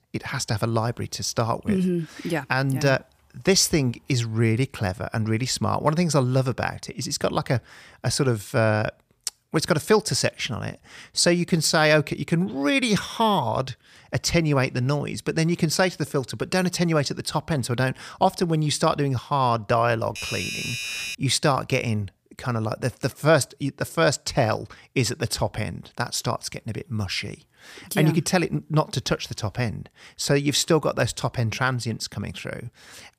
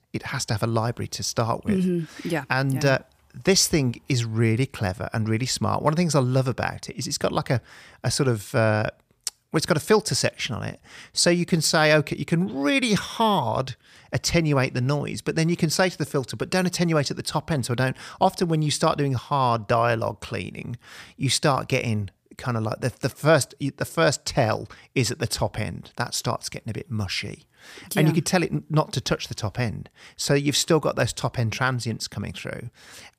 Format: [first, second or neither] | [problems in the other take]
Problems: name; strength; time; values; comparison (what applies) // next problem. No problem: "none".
second | doorbell; noticeable; from 20 to 21 s; peak 4 dB below the speech